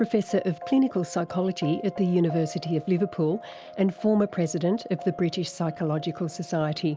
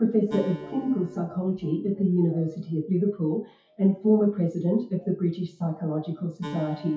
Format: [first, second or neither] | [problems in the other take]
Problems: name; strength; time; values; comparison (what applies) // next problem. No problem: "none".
first | noise reduction (classical method WPE with log-MMSE)